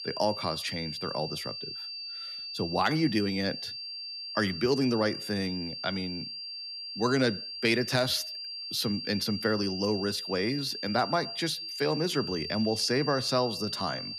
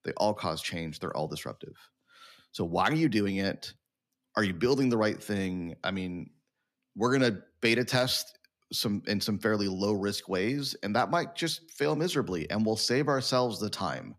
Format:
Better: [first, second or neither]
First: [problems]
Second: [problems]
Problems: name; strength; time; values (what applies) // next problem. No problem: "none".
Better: second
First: high-pitched whine; loud; throughout; 4.5 kHz, 6 dB below the speech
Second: none